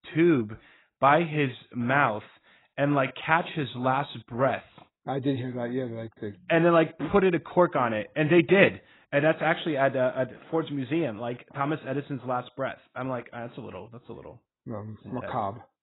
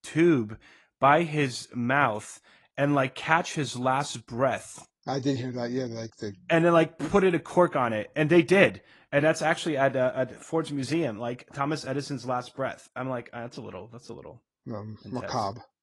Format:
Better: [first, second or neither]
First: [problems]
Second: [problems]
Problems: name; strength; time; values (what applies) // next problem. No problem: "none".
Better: second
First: garbled, watery; badly; nothing above 4 kHz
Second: garbled, watery; slightly; nothing above 10.5 kHz